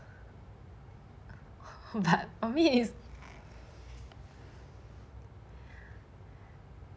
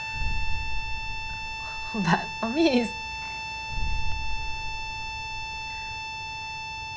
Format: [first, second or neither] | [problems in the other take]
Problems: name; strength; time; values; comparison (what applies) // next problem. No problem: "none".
first | background sound (Harmonica + Boom); 2 dB above the speech